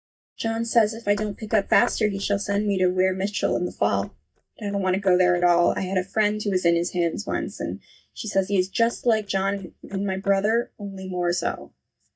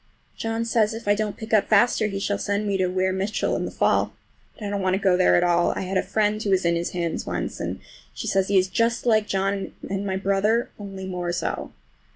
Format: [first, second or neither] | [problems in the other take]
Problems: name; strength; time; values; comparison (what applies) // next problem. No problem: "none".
second | noise reduction (neural mask model DeepFilterNet 3)